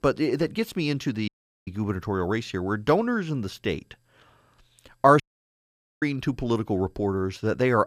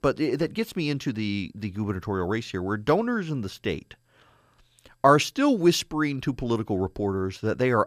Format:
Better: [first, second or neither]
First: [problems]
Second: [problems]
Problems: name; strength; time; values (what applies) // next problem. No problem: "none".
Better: second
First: audio cutting out; at 1.5 s and at 5 s for 1 s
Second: none